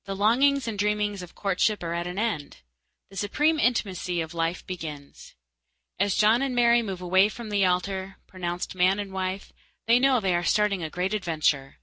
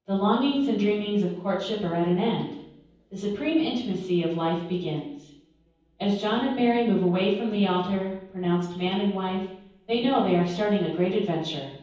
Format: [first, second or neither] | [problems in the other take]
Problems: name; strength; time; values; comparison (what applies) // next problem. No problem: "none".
first | room echo; dies away in 0.9 s